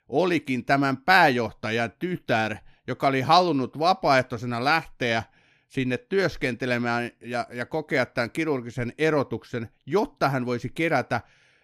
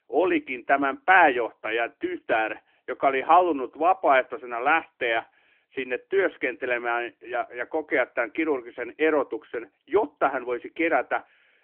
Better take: first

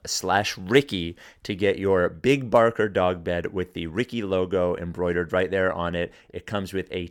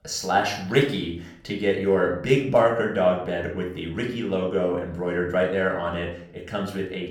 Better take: first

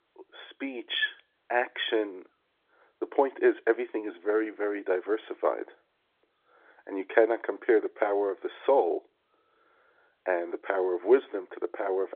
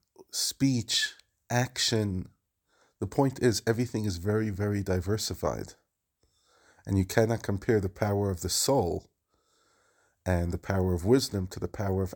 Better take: second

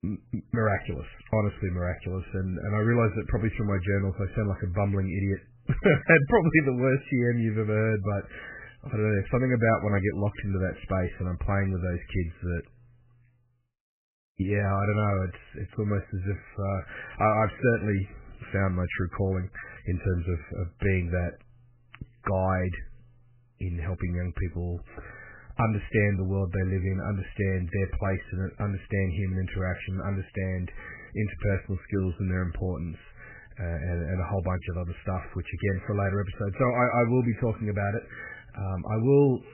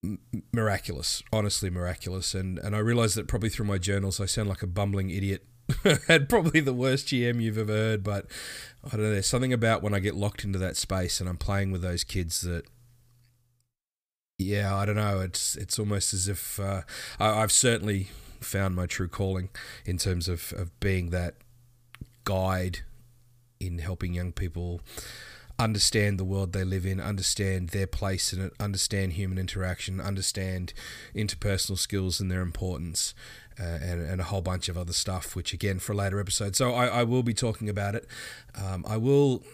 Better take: second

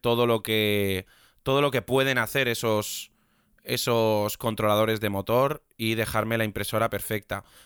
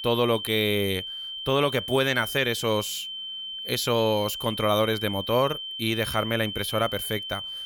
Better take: first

